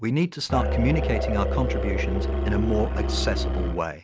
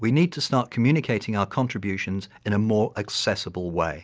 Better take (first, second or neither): second